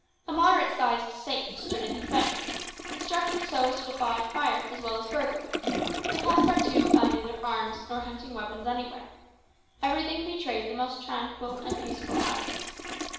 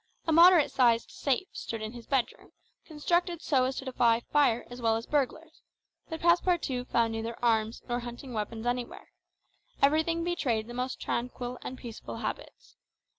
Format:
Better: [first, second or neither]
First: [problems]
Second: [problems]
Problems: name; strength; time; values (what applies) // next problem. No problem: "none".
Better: second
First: background sound (Toilet flush); 2 dB below the speech // room echo; dies away in 0.9 s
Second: none